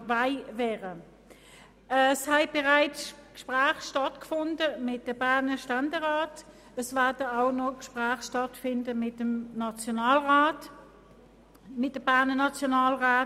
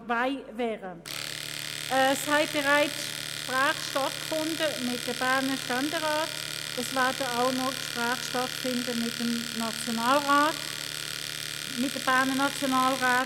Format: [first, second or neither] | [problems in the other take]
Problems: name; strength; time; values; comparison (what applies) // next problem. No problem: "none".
first | background sound (Domestic sounds, home sounds); 6 dB below the speech